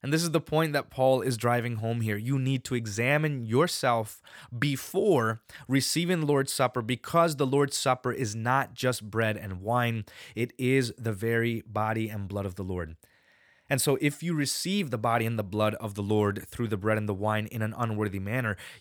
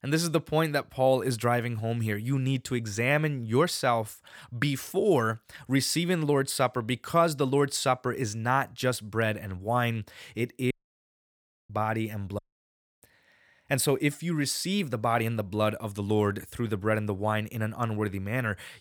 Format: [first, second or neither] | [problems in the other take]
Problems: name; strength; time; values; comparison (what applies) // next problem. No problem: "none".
first | audio cutting out; at 11 s for 1 s and at 12 s for 0.5 s